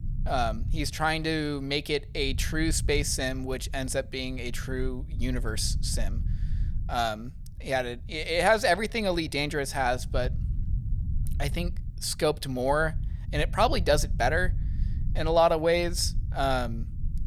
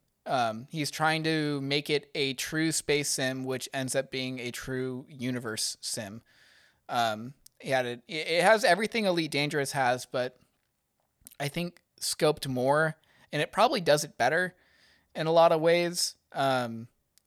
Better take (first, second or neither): second